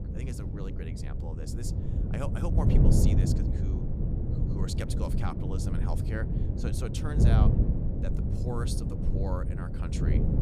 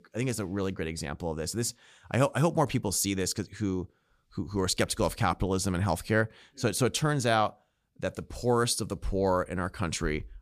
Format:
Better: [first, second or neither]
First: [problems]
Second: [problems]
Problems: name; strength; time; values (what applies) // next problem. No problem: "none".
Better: second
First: wind noise on the microphone; heavy; 1 dB above the speech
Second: none